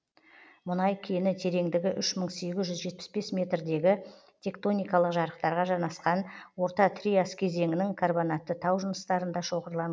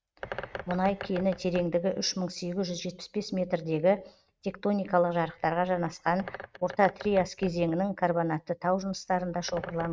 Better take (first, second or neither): first